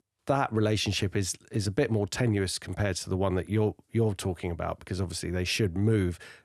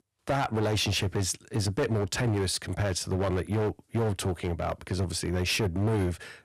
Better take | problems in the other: first | distortion; heavy; 14% of the sound clipped

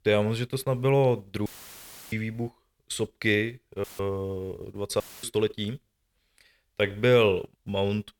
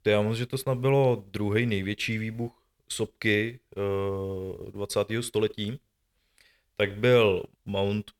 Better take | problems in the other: second | audio cutting out; filled with static; at 1.5 s for 0.5 s, at 4 s and at 5 s

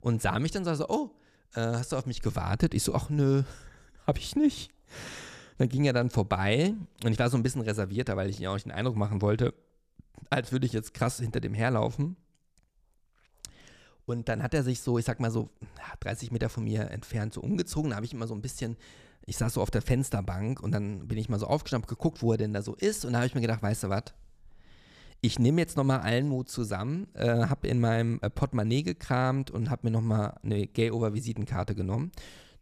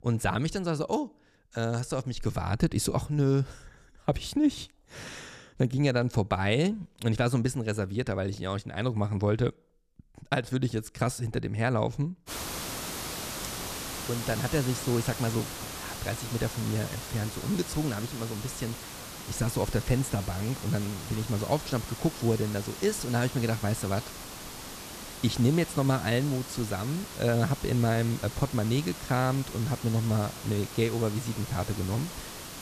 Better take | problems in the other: first | hiss; loud; from 12 s on; 9 dB below the speech

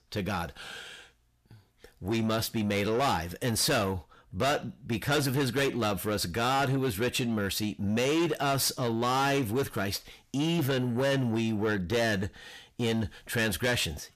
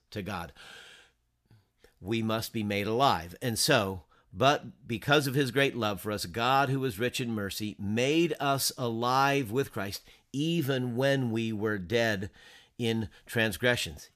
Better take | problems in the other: second | distortion; heavy; 7 dB below the speech

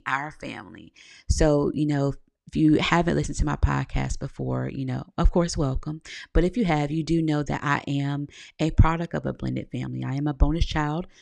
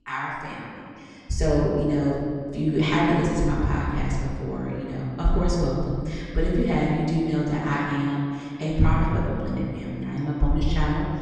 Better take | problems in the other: first | room echo; noticeable; dies away in 2.1 s // off-mic speech; far

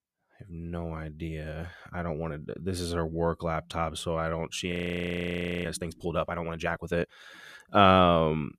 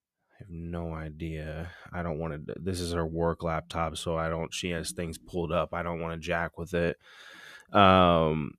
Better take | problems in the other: second | audio freezing; at 4.5 s for 1 s

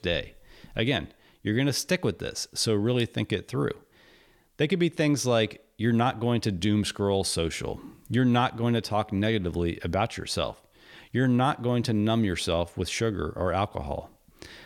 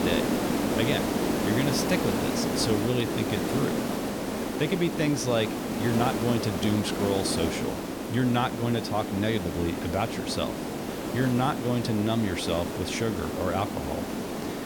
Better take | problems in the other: first | hiss; loud; throughout; 1 dB below the speech

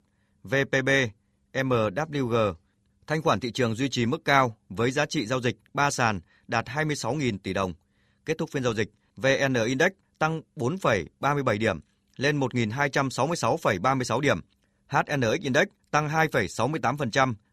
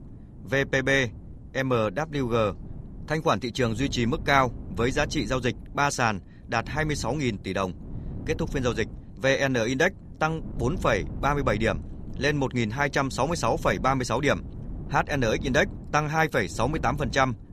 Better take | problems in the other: first | wind noise on the microphone; occasional gusts; 25 dB below the speech

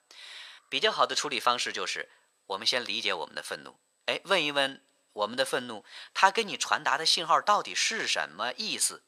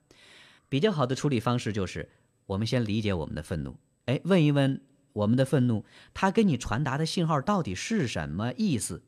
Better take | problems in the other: second | thin; very; fading below 900 Hz

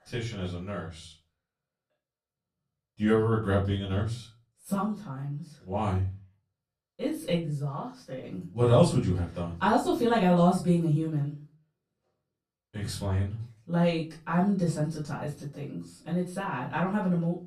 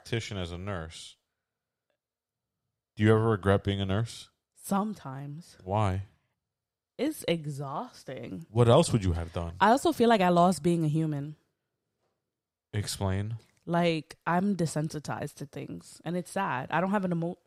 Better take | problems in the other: second | room echo; slight; dies away in 0.3 s // off-mic speech; far

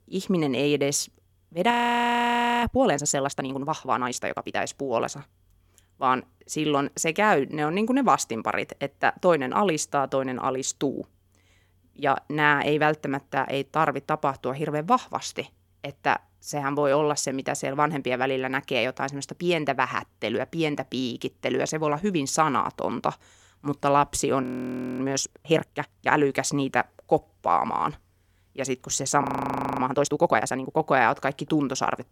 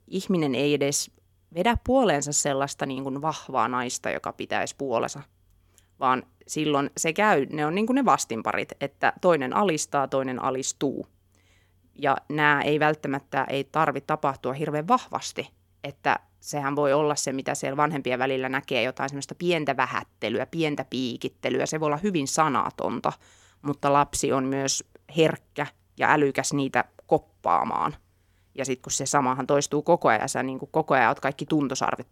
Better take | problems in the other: second | audio freezing; at 1.5 s for 1 s, at 24 s for 0.5 s and at 29 s for 0.5 s

